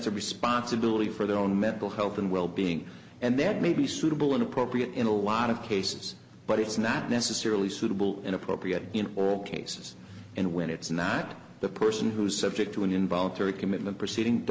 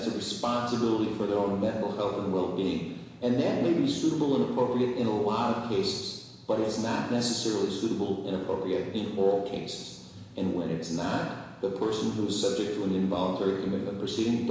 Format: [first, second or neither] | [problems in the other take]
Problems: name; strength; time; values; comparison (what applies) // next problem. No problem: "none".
first | room echo; dies away in 1 s